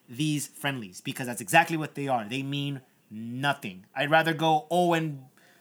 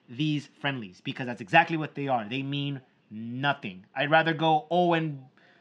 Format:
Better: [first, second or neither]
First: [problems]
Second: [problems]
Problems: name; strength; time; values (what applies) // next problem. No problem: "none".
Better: first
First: none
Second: muffled; slightly; fading above 4.5 kHz